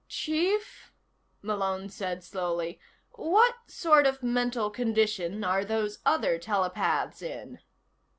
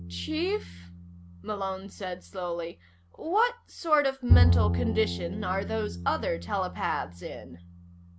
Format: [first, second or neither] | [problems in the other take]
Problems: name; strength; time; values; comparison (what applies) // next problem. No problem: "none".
first | background sound (Bowed string instrument); as loud as the speech